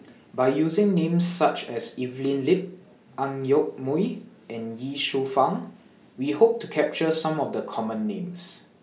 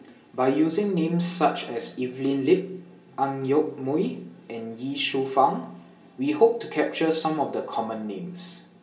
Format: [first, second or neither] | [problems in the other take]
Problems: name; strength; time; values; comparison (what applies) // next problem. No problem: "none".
first | room echo; dies away in 1.4 s